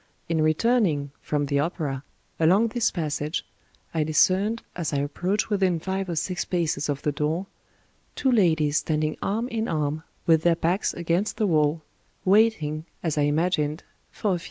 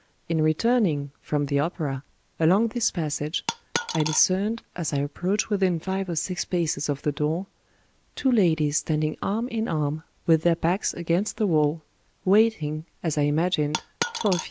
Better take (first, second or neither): first